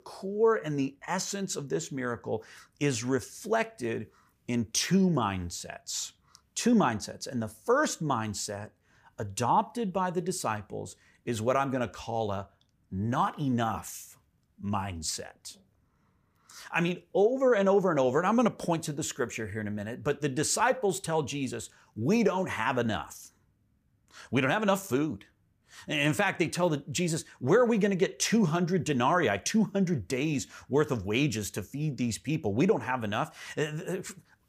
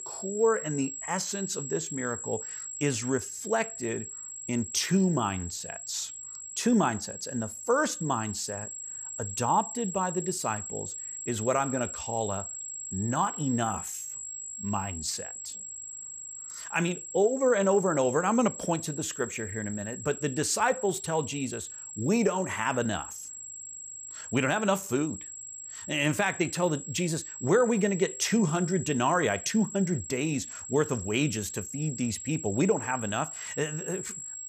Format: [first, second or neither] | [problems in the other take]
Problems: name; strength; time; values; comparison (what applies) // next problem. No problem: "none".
first | high-pitched whine; loud; throughout; 7.5 kHz, 8 dB below the speech